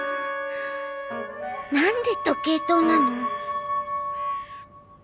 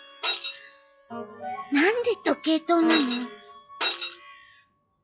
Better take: first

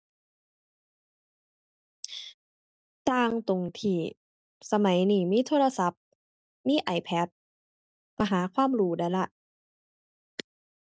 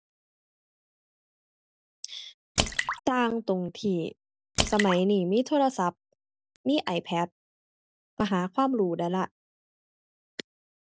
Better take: first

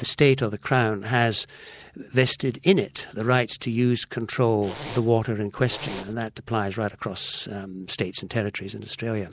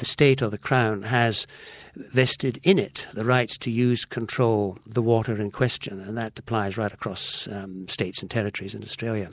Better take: second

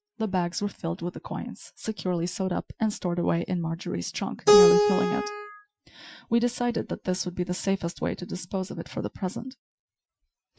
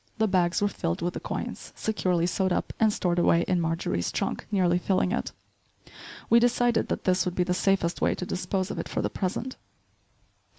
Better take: second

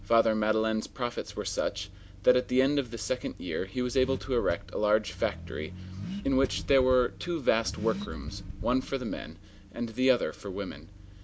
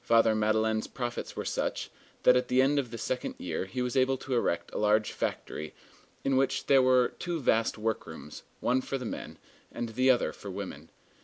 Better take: second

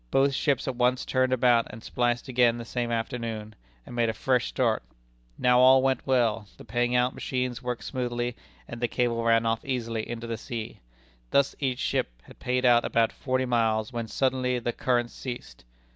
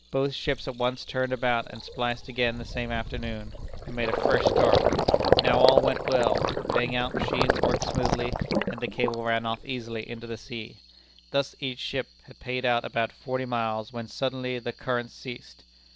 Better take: first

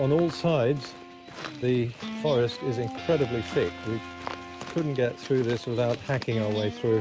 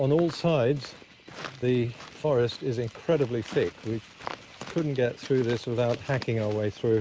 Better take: second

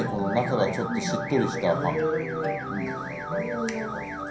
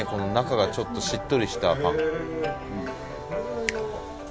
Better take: second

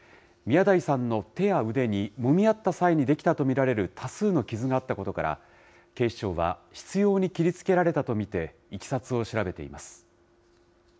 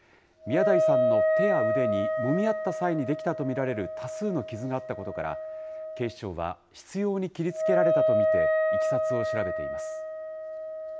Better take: first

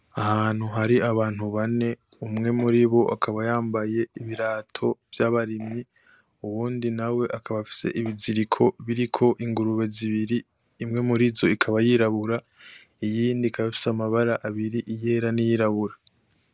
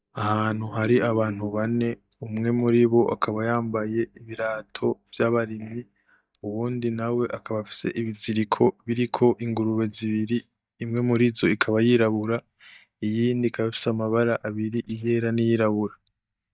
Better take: first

